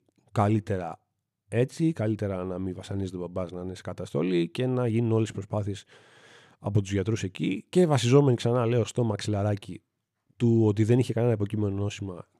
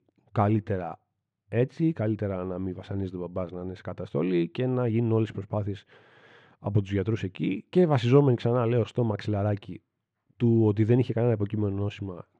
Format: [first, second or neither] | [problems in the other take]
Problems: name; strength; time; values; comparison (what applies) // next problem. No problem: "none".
first | muffled; slightly; fading above 3 kHz